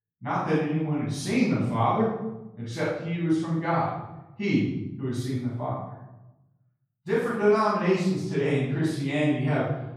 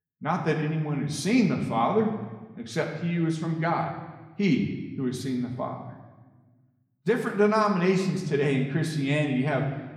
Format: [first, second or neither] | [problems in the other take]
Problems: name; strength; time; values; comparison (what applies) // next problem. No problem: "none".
second | room echo; strong; dies away in 0.8 s; slight in the second // off-mic speech; far; somewhat distant in the second